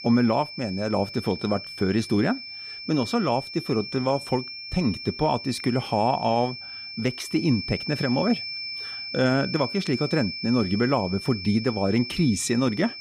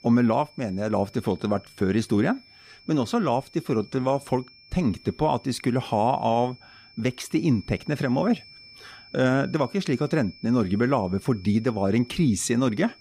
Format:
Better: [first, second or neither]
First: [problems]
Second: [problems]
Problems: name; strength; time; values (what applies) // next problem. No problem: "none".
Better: second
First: high-pitched whine; loud; throughout; 5.5 kHz, 8 dB below the speech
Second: high-pitched whine; faint; throughout; 5.5 kHz, 25 dB below the speech